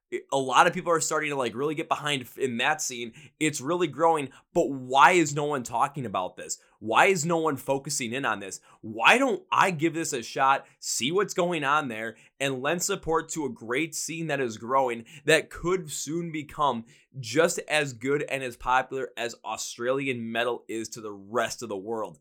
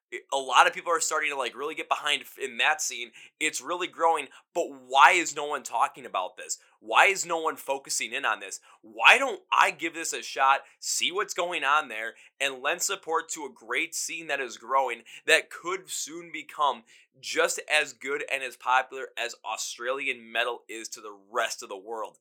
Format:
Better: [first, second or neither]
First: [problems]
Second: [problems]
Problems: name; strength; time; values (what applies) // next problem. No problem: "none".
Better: first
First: none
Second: thin; very; fading below 550 Hz